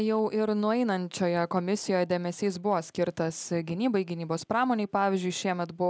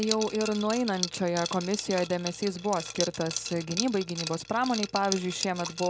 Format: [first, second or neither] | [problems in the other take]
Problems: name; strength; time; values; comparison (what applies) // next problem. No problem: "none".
first | background sound (Liquid); 8 dB below the speech